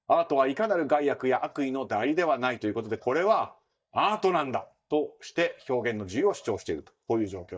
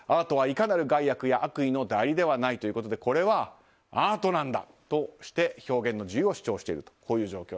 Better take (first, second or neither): second